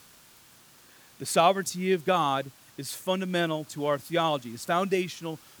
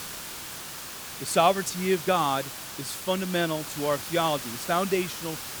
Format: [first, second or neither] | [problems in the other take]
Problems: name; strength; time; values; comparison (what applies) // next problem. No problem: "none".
first | hiss; loud; throughout; 9 dB below the speech; faint in the first